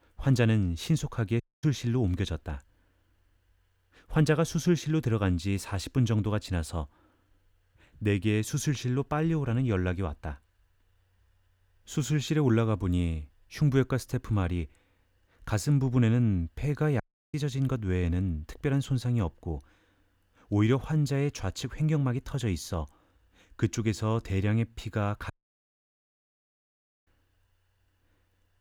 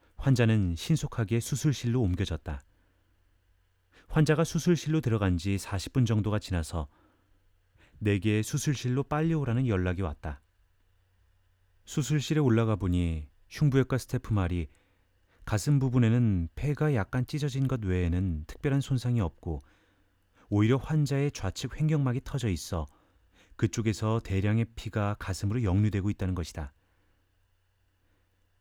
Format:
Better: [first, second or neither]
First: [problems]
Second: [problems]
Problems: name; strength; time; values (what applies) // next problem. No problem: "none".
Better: second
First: audio cutting out; at 1.5 s, at 17 s and at 25 s for 2 s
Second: none